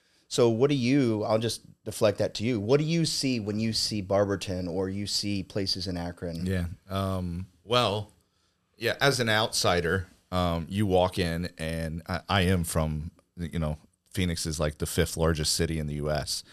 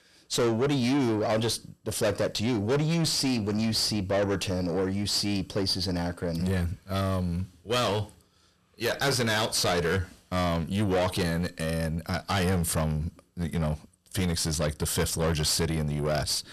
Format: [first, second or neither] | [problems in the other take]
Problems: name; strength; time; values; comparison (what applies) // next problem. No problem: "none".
first | distortion; heavy; 6 dB below the speech